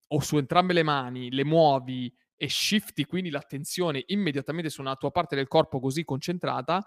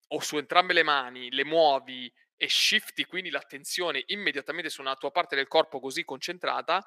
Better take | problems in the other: first | thin; somewhat; fading below 450 Hz

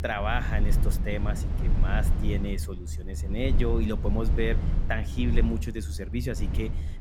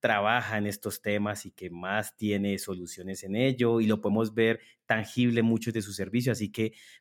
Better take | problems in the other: second | low rumble; loud; throughout; 9 dB below the speech

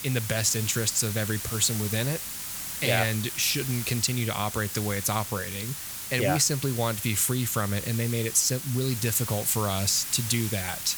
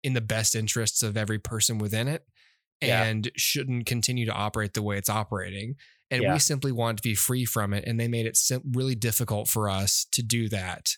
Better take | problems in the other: second | hiss; loud; throughout; 7 dB below the speech

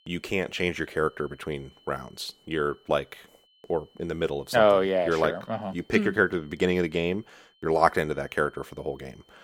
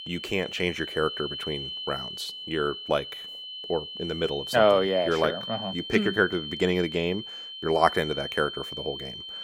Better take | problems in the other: first | high-pitched whine; loud; throughout; 3 kHz, 8 dB below the speech; faint in the first

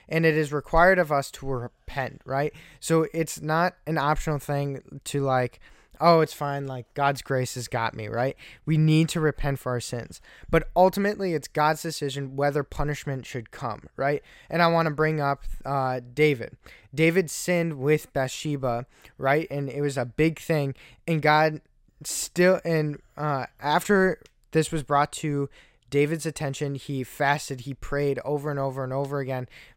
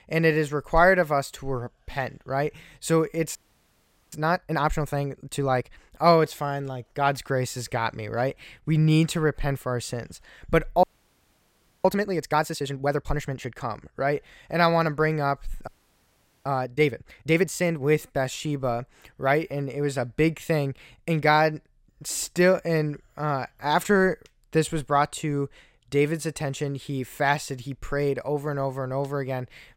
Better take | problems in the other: first | audio freezing; at 3.5 s for 1 s, at 11 s for 1 s and at 16 s for 1 s

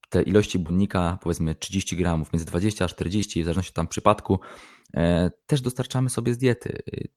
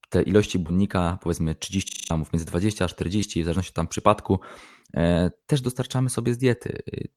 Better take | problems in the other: first | audio freezing; at 2 s

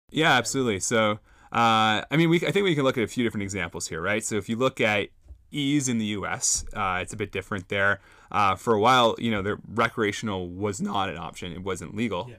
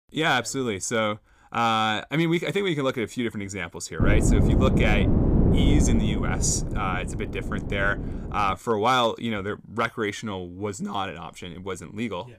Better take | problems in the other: first | wind noise on the microphone; heavy; from 4 to 8.5 s; 5 dB below the speech

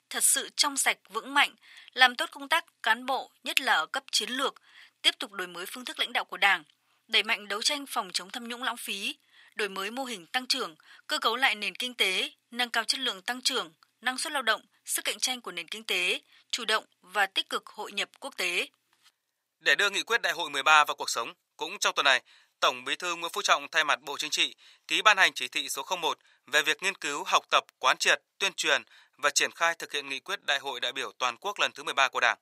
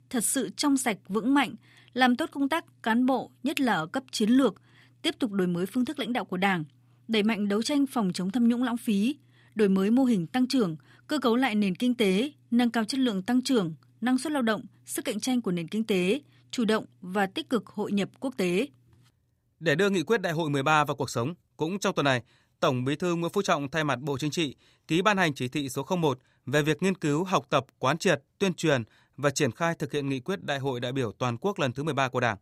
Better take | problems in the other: second | thin; very; fading below 950 Hz

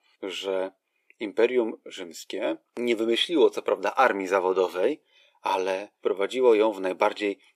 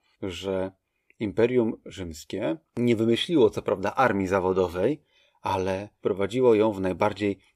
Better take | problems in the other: second | thin; somewhat; fading below 350 Hz

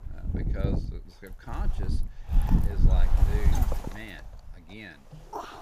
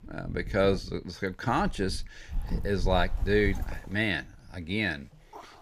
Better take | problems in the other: second | wind noise on the microphone; heavy; 3 dB above the speech; occasional gusts in the second

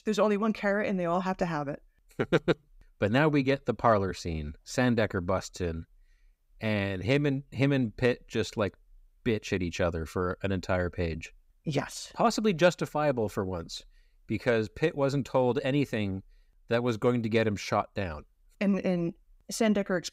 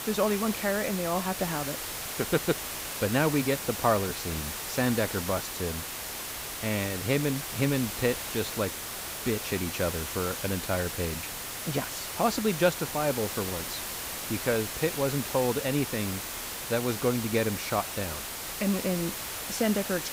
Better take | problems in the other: first | hiss; loud; throughout; 4 dB below the speech

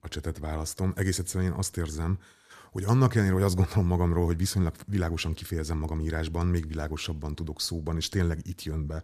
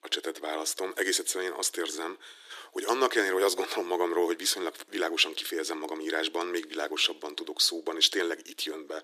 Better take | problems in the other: first | thin; very; fading below 300 Hz

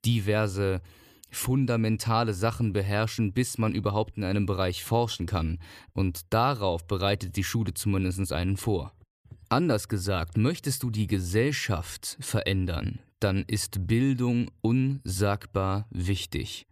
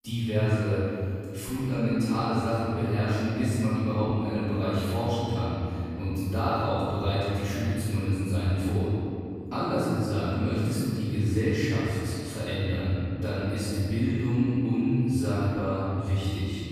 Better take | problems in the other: first | off-mic speech; far // room echo; strong; dies away in 2.6 s

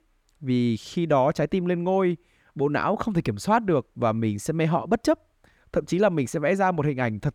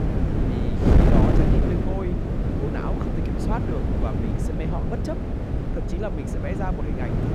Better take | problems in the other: first | wind noise on the microphone; heavy; 4 dB above the speech

